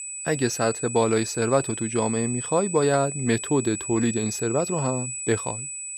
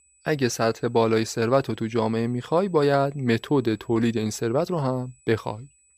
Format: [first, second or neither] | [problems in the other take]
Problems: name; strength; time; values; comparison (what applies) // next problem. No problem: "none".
second | high-pitched whine; loud; throughout; 8 kHz, 6 dB below the speech; faint in the second